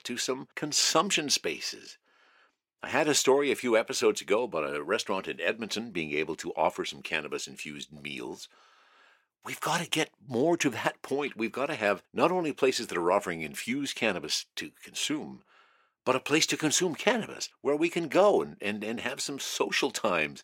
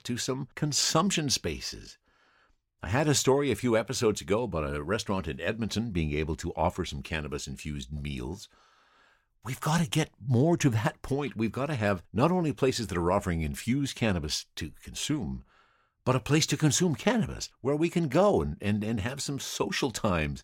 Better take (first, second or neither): second